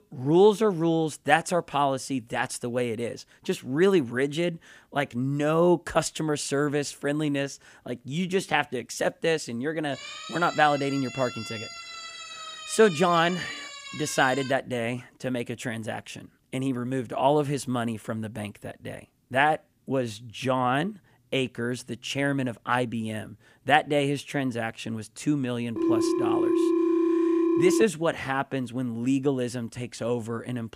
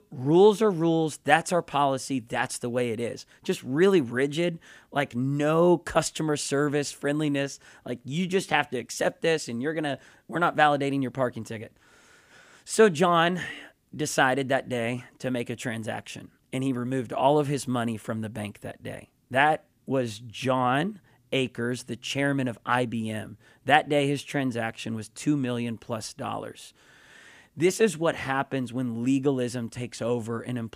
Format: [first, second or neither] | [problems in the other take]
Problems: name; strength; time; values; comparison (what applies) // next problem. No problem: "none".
second | siren; noticeable; from 10 to 15 s; peak 9 dB below the speech // phone ringing; loud; from 26 to 28 s; peak 4 dB above the speech